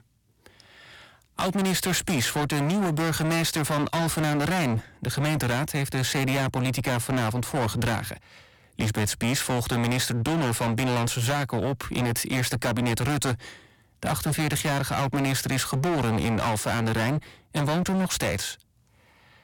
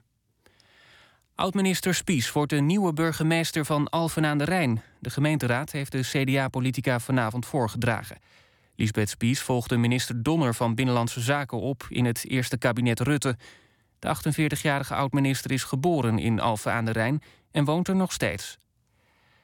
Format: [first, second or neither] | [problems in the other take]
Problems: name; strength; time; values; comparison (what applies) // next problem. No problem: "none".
second | distortion; heavy; 30% of the sound clipped